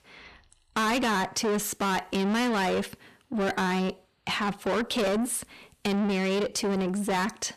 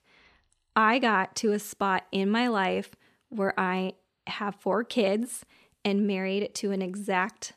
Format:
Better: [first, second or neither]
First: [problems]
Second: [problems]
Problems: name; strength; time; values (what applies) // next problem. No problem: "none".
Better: second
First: distortion; heavy; 6 dB below the speech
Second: none